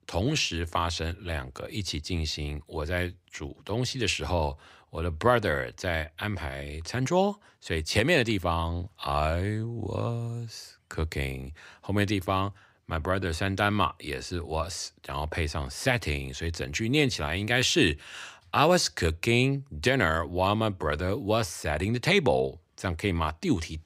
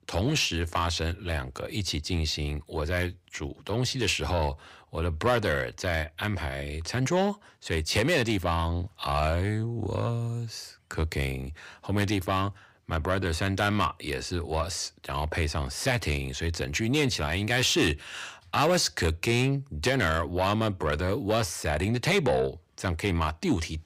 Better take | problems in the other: first | distortion; slight; 10 dB below the speech

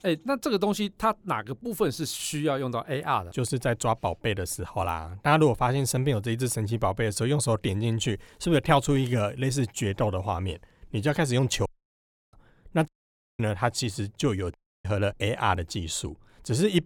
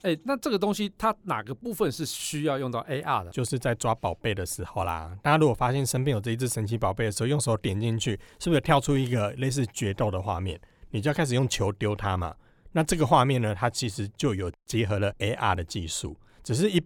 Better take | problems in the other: second | audio cutting out; at 12 s for 0.5 s, at 13 s for 0.5 s and at 15 s

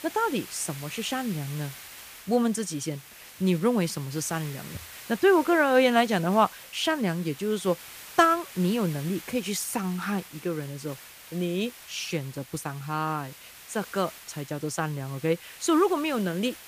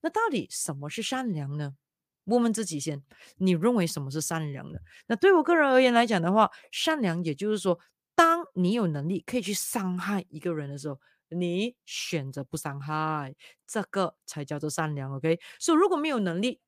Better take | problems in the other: second | hiss; noticeable; throughout; 15 dB below the speech

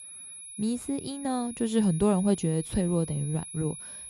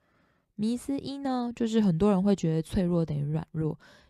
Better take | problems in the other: second | high-pitched whine; noticeable; throughout; 10.5 kHz, 10 dB below the speech

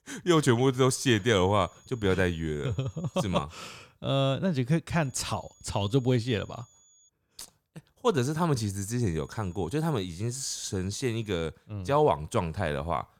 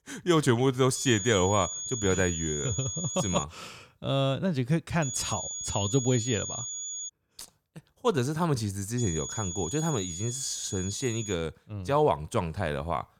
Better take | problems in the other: first | high-pitched whine; loud; from 1 to 3.5 s, from 5 to 7 s and from 9 to 11 s; 7 kHz, 5 dB below the speech; faint in the first

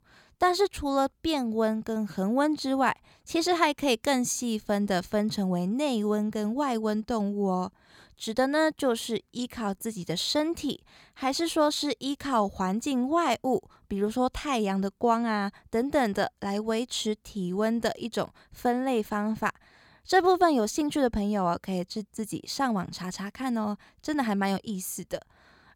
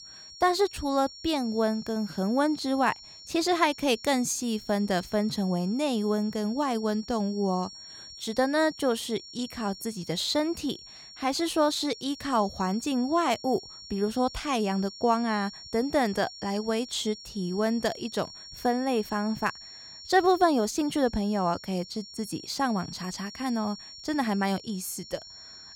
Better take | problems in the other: first | high-pitched whine; noticeable; throughout; 5.5 kHz, 15 dB below the speech

